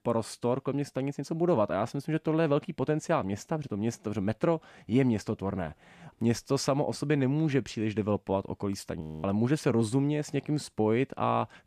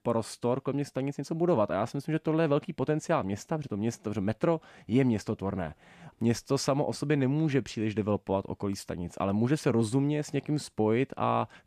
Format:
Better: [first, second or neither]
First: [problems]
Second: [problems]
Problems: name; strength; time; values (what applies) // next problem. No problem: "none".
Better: second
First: audio freezing; at 9 s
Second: none